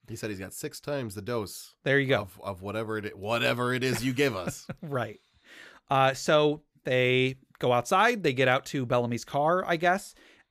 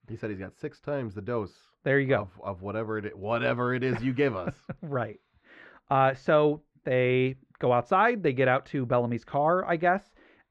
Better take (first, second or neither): first